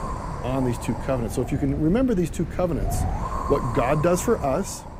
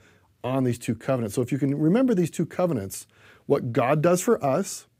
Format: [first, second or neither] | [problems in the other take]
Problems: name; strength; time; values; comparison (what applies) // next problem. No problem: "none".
second | wind noise on the microphone; heavy; 7 dB below the speech